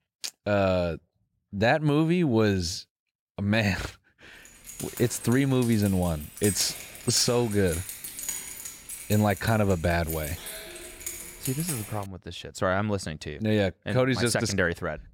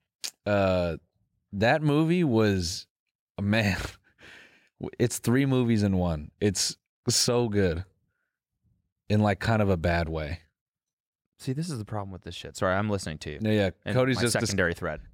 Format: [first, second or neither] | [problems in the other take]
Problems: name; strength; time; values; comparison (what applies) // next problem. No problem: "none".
second | jangling keys; noticeable; from 4.5 to 12 s; peak 4 dB below the speech